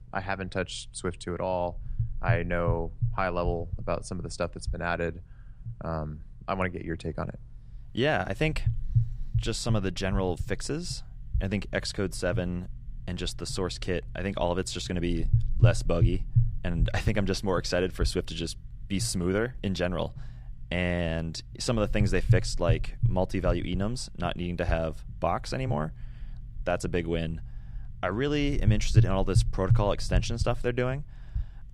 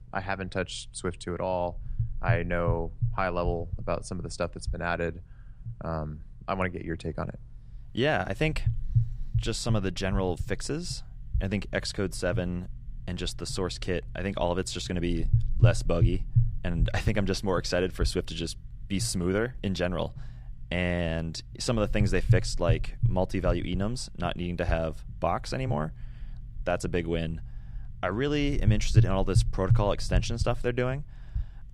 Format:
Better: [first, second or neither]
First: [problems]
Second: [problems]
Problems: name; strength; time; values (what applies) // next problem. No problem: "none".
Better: neither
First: low rumble; noticeable; throughout; 15 dB below the speech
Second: low rumble; noticeable; throughout; 15 dB below the speech